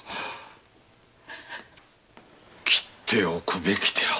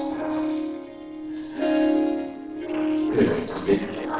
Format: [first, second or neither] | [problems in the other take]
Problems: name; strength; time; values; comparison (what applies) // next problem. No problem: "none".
first | noise reduction (neural separator model SepFormer DNS4)